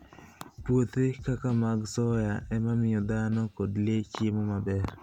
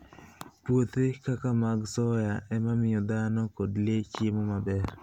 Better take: second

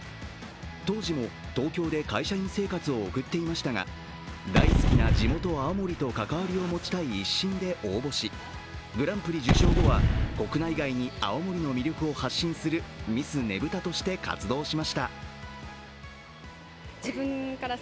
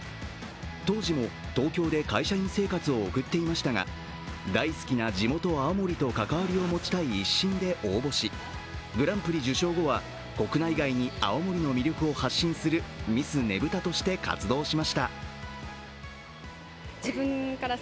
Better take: second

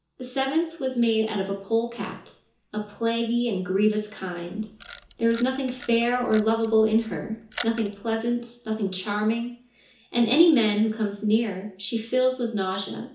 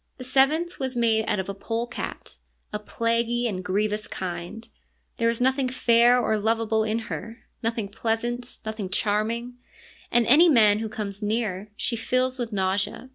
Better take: second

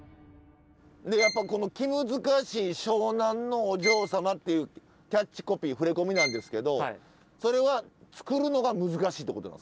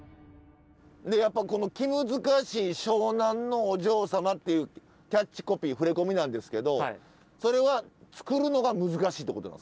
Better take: second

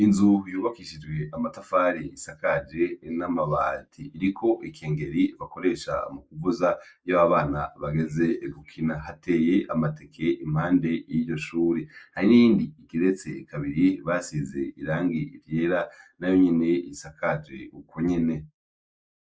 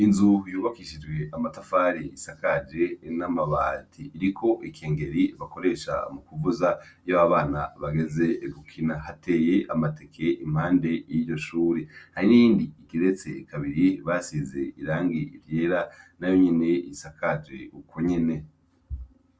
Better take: second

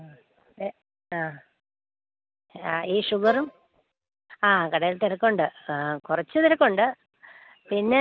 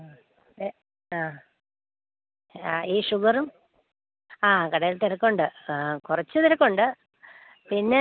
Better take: second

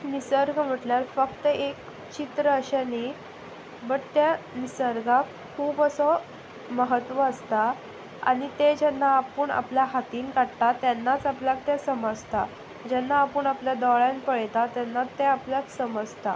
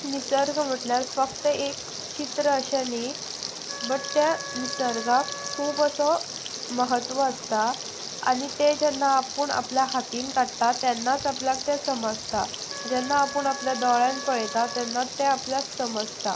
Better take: first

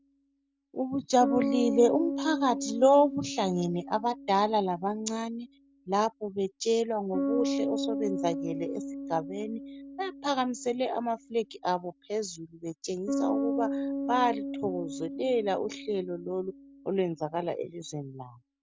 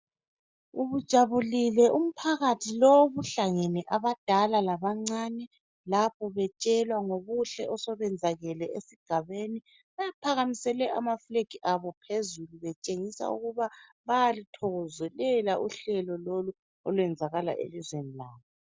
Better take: second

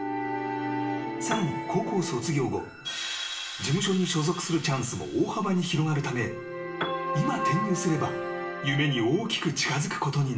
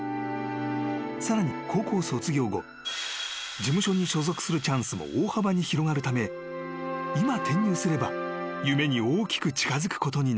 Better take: second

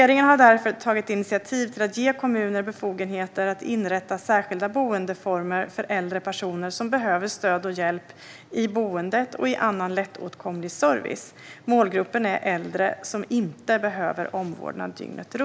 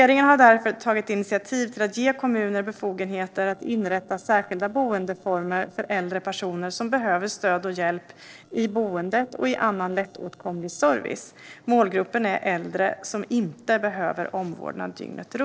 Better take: first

